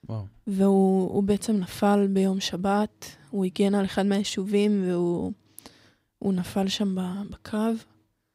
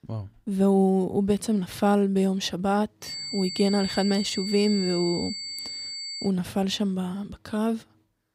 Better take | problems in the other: first | high-pitched whine; loud; from 3 to 6.5 s; 4.5 kHz, 6 dB below the speech

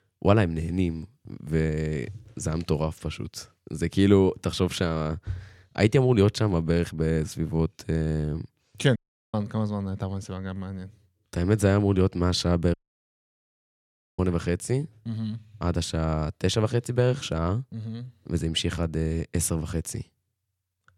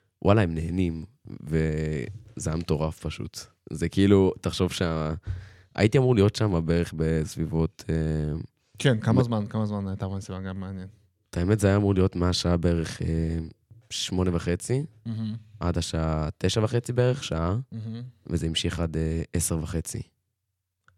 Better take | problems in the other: second | audio cutting out; at 9 s and at 13 s for 1.5 s

